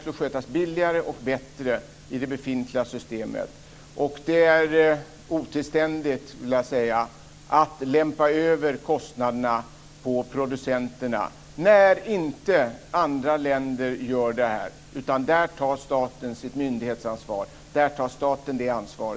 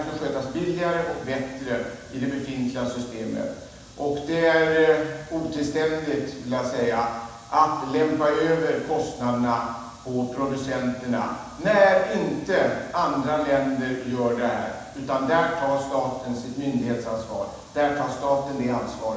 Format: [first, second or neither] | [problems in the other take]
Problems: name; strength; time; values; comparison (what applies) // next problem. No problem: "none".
first | room echo; dies away in 1.1 s